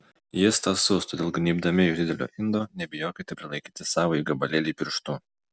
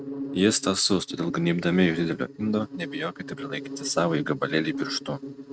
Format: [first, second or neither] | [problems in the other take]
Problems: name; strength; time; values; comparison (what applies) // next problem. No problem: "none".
first | noise reduction (neural mask model RNNoise)